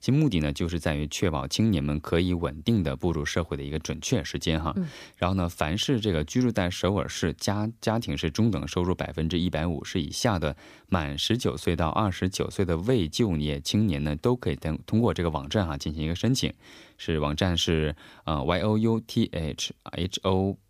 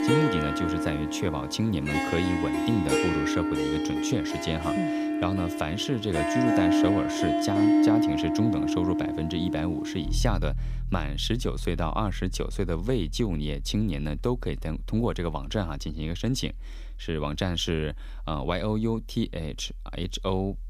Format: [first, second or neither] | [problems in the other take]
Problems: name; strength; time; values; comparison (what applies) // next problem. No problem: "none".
first | background music; very loud; throughout; 2 dB above the speech